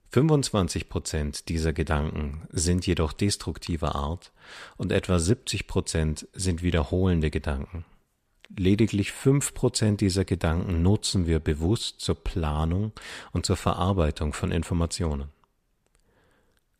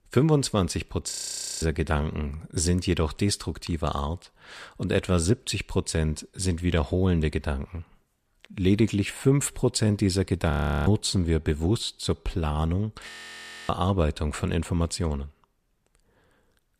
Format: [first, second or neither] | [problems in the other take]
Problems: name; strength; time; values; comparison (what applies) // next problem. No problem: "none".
first | audio freezing; at 1 s for 0.5 s, at 11 s and at 13 s for 0.5 s